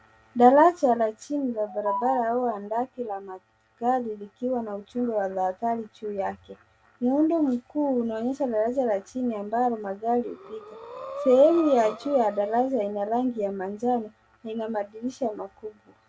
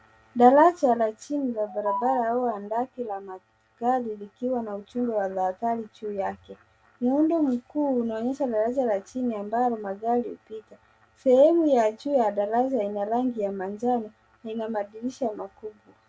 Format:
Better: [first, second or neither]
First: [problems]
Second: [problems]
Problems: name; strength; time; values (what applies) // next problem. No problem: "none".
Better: second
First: background sound (Breathing); 14 dB below the speech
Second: none